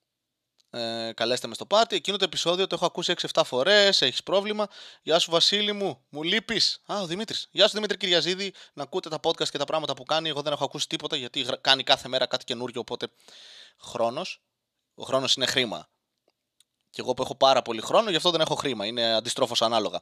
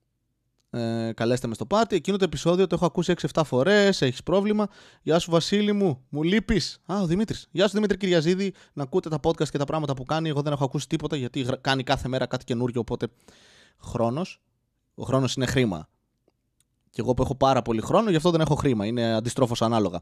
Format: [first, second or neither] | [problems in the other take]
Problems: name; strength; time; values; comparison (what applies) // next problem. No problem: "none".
second | thin; somewhat; fading below 800 Hz